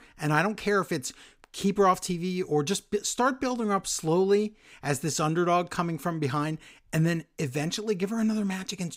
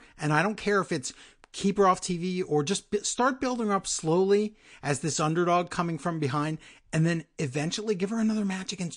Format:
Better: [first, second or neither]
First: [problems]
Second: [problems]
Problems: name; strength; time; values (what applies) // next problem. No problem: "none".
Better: first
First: none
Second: garbled, watery; slightly; nothing above 9 kHz